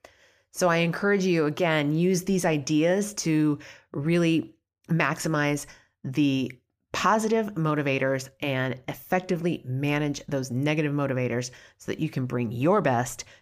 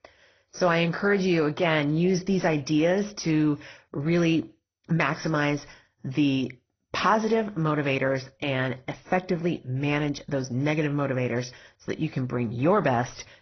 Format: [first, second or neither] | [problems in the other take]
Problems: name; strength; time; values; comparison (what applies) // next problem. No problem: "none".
first | garbled, watery; badly; nothing above 6 kHz